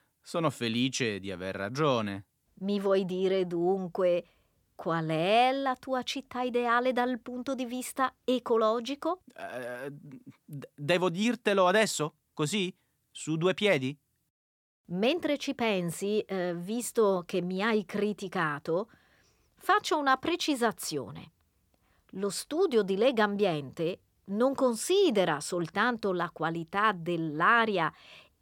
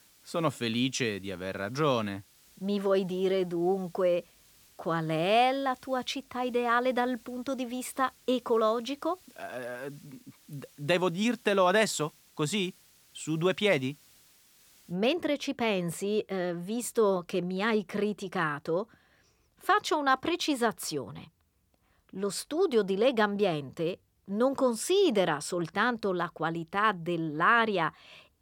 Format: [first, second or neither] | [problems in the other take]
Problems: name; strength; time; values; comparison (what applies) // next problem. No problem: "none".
first | hiss; faint; until 15 s; 30 dB below the speech